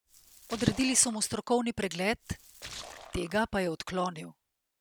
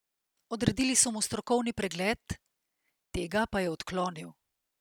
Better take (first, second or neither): second